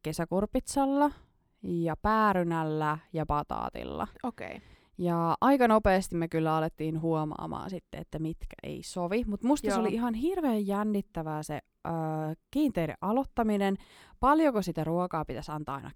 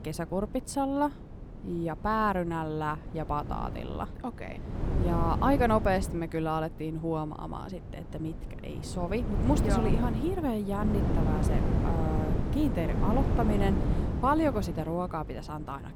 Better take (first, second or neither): first